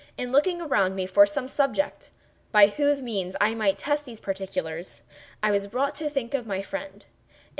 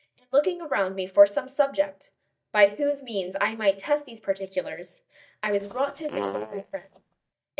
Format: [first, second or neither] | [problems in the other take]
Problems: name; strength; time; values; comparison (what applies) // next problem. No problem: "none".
first | noise reduction (neural mask model DeepFilterNet 3)